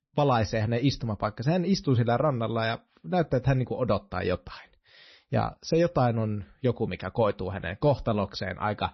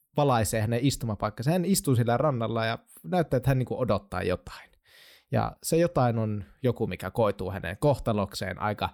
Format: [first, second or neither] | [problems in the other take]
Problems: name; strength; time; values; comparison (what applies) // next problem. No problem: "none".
second | garbled, watery; slightly; nothing above 6 kHz